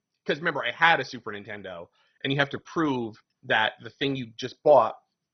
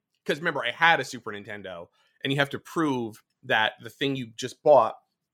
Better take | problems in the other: second | garbled, watery; badly; nothing above 6 kHz

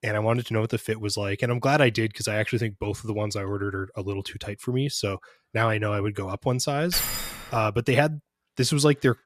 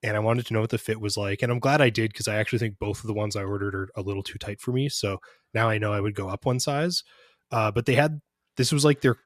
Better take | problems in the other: second | jangling keys; noticeable; at 7 s; peak 1 dB below the speech

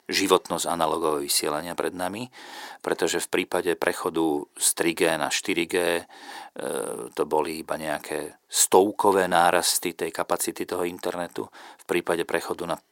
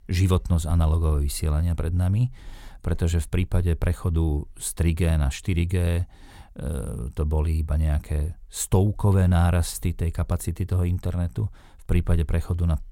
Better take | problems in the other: second | thin; very; fading below 300 Hz

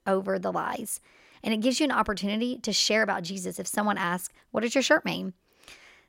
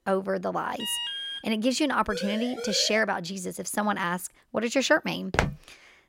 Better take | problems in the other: first | alarm; noticeable; at 1 s; peak 2 dB below the speech // siren; noticeable; at 2 s; peak 7 dB below the speech // footsteps; noticeable; at 5.5 s; peak 1 dB below the speech

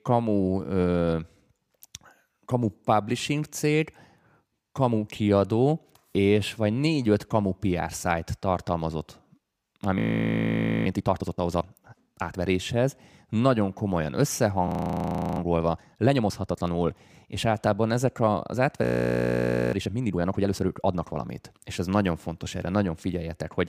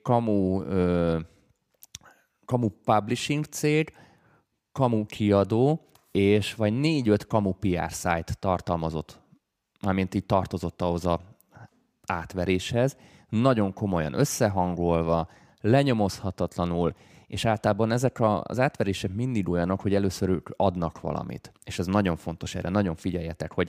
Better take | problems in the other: second | audio freezing; at 10 s for 1 s, at 15 s for 0.5 s and at 19 s for 1 s

